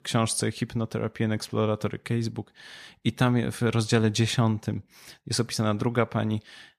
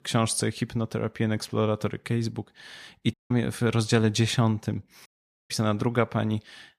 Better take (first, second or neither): first